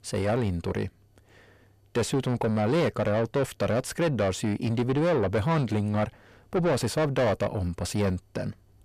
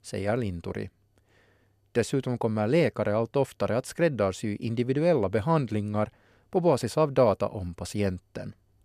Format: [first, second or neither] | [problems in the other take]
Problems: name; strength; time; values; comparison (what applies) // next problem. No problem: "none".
second | distortion; heavy; 7 dB below the speech